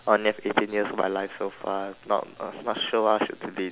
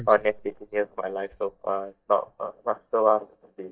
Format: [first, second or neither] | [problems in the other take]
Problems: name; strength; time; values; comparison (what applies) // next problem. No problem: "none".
first | noise reduction (neural mask model DeepFilterNet 3)